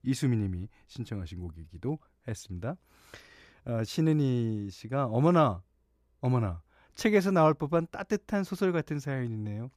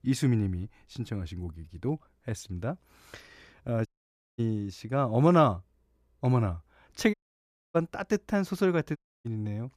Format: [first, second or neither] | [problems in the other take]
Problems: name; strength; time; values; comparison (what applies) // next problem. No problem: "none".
first | audio cutting out; at 4 s for 0.5 s, at 7 s for 0.5 s and at 9 s